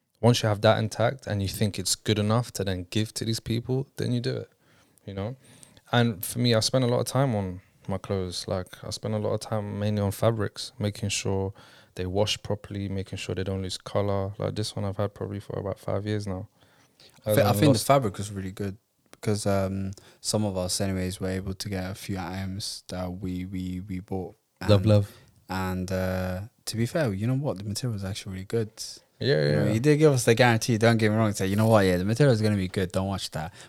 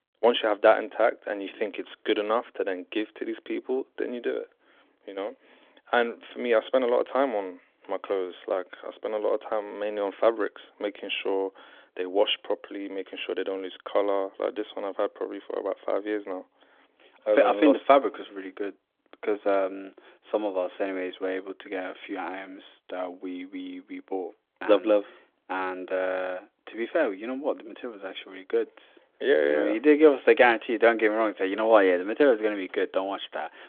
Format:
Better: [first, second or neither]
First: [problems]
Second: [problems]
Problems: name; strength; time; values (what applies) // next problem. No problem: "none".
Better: first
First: none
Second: phone-call audio; nothing above 3.5 kHz